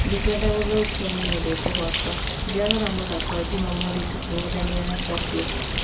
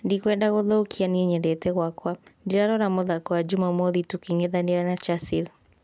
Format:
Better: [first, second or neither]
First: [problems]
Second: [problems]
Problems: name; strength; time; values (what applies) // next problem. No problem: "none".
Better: second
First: background sound (Bird); 1 dB above the speech // room echo; dies away in 0.3 s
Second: none